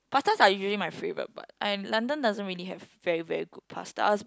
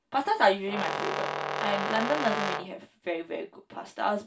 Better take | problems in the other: first | background sound (Brass instrument); 1 dB below the speech // room echo; dies away in 0.2 s

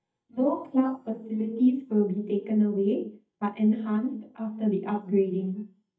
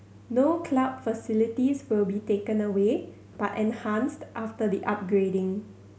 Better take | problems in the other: second | noise reduction (neural mask model DeepFilterNet 3)

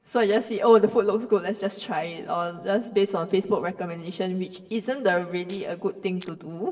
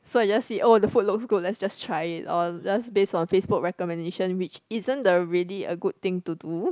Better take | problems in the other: second | noise reduction (neural separator model SepFormer DNS4)

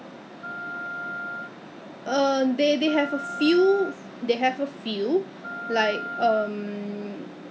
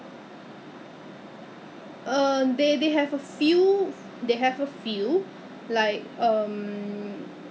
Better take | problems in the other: second | background sound (Wind instrument, woodwind instrument); 11 dB below the speech

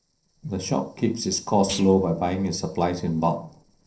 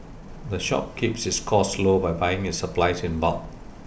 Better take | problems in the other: second | noise reduction (neural separator model SepFormer DNS4)

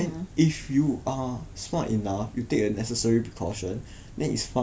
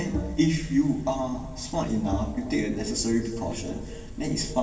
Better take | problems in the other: first | background sound (Bowed string instrument); 11 dB below the speech // room echo; dies away in 2.3 s

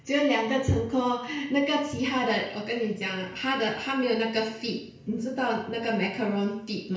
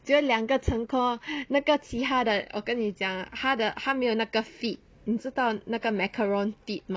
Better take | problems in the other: second | room echo; dies away in 0.5 s

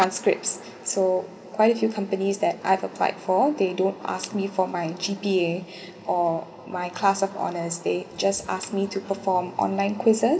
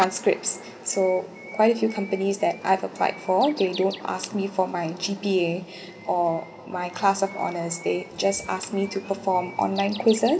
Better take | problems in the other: first | background sound (Bird); 20 dB below the speech

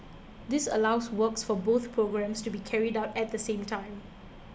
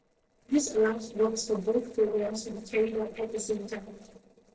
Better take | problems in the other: first | noise reduction (neural separator model SepFormer DNS4)

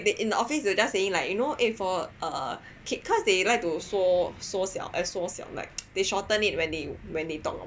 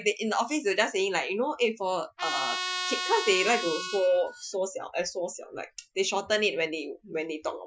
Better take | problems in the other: first | noise reduction (classical method Wiener filter)

